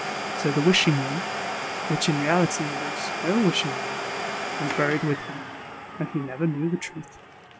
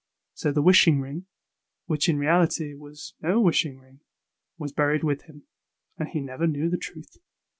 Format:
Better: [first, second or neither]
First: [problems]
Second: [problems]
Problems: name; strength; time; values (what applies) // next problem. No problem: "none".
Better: second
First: background sound (Domestic sounds, home sounds); 5 dB below the speech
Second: none